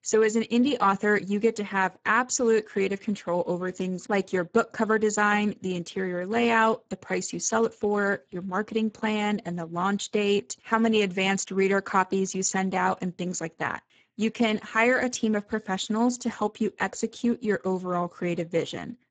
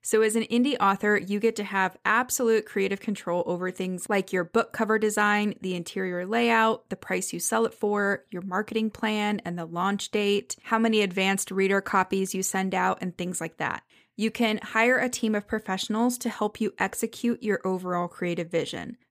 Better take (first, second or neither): second